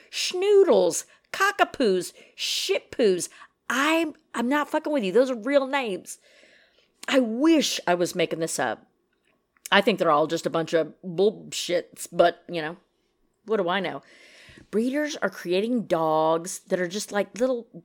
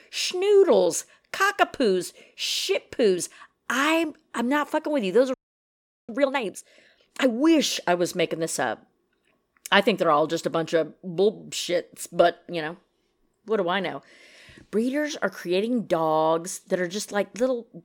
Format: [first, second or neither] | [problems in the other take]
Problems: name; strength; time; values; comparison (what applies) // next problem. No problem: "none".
first | audio freezing; at 5.5 s for 1 s